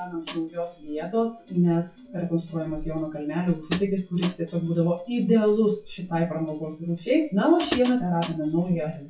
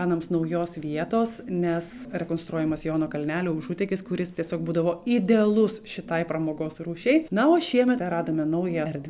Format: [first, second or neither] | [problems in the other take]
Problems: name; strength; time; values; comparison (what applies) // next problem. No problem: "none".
second | noise reduction (classical method WPE with log-MMSE)